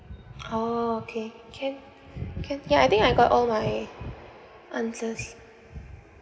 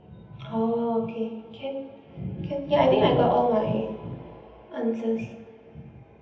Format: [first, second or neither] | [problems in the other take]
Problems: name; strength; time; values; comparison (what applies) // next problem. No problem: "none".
first | room echo; dies away in 0.8 s